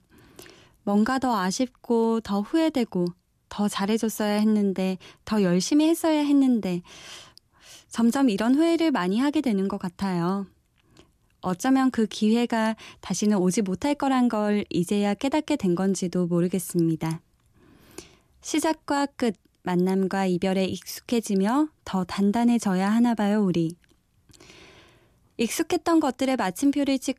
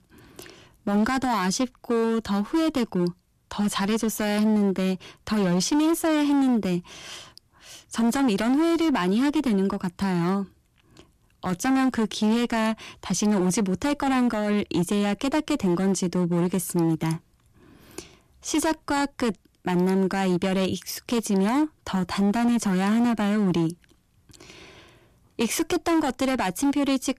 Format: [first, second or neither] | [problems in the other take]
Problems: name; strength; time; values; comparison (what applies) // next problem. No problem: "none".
first | distortion; slight; 15% of the sound clipped